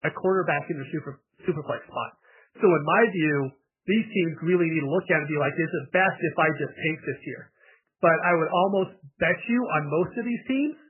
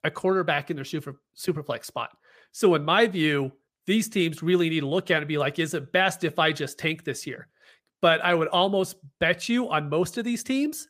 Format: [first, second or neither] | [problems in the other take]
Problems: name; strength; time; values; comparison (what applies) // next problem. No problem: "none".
second | garbled, watery; badly; nothing above 3 kHz